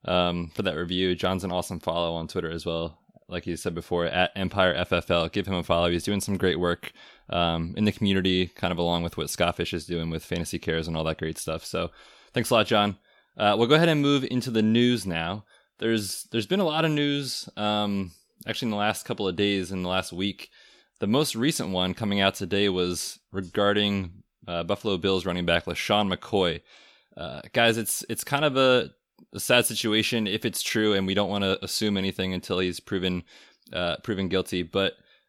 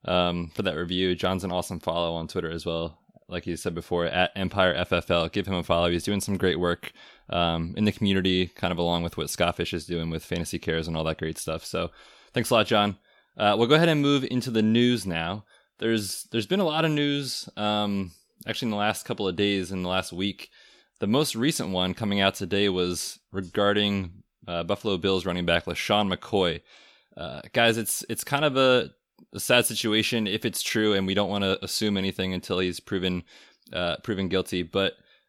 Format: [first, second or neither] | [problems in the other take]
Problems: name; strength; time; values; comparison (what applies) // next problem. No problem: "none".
neither | none